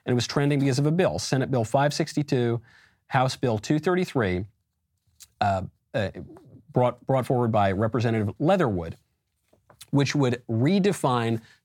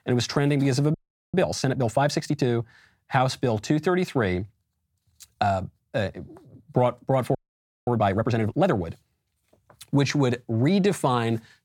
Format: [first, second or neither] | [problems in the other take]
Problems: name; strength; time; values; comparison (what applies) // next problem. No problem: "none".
first | audio freezing; at 1 s and at 7.5 s for 0.5 s